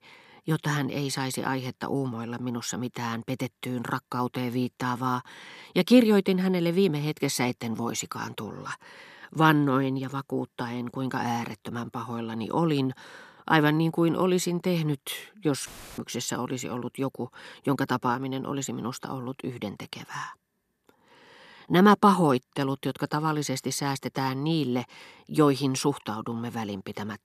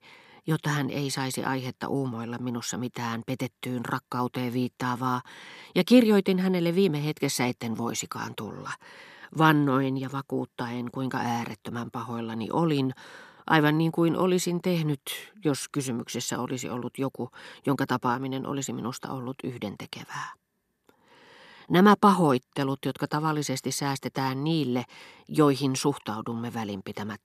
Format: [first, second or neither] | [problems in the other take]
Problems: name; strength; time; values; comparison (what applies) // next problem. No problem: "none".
second | audio cutting out; filled with static; at 16 s